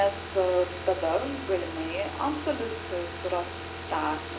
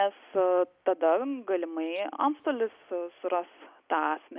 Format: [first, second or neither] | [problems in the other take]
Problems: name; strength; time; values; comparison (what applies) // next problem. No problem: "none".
second | background sound (Car); 8 dB below the speech // room echo; dies away in 0.5 s